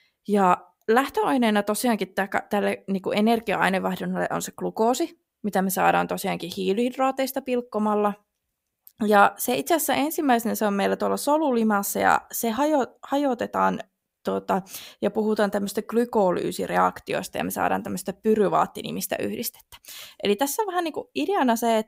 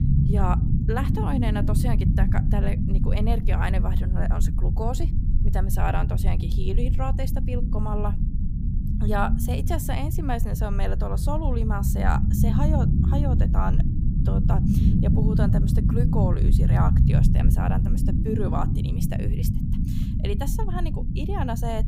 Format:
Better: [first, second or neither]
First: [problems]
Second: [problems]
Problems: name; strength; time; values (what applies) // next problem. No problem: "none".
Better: first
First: none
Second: low rumble; loud; throughout; 3 dB below the speech